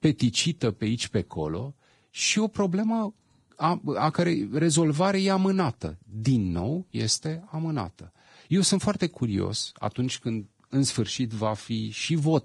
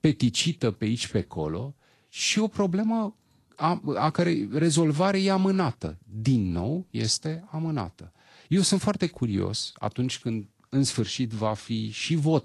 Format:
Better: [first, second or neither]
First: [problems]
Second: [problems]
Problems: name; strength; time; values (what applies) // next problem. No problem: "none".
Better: second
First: garbled, watery; badly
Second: garbled, watery; slightly